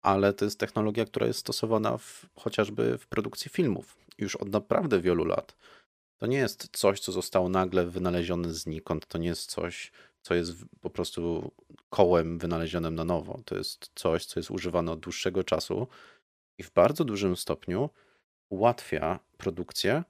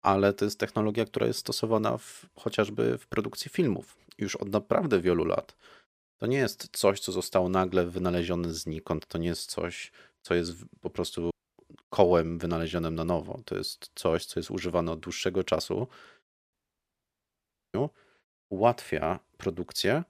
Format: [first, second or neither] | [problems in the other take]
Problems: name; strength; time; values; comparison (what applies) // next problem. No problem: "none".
first | audio cutting out; at 11 s and at 17 s for 1 s